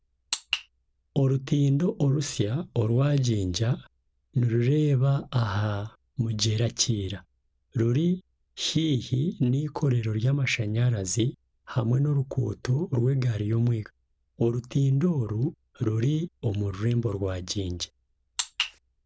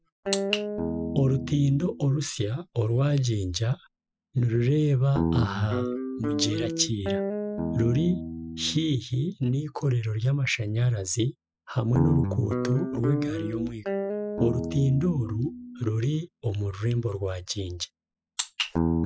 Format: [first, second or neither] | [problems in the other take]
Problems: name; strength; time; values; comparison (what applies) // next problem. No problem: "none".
first | noise reduction (classical method Wiener filter)